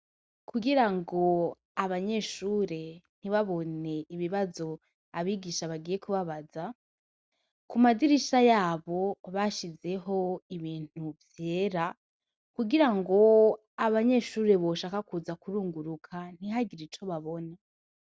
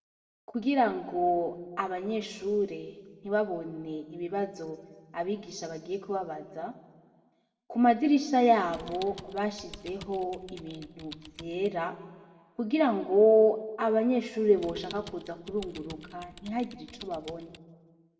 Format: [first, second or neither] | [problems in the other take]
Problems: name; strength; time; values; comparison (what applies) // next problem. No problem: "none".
first | background sound (Typing); 19 dB below the speech // room echo; dies away in 1.2 s